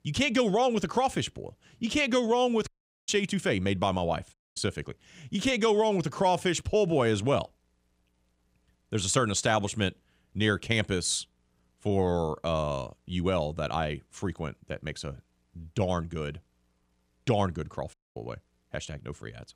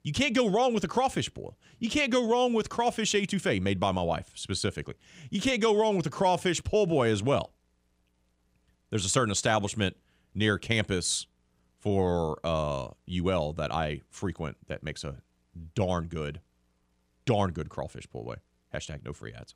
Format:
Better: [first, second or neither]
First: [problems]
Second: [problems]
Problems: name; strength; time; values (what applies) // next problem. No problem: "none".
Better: second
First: audio cutting out; at 2.5 s, at 4.5 s and at 18 s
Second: none